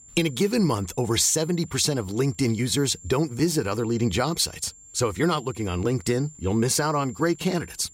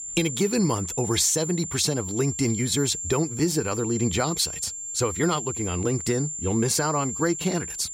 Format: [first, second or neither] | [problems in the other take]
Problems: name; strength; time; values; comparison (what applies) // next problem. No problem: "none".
first | high-pitched whine; loud; throughout; 7.5 kHz, 6 dB below the speech; faint in the first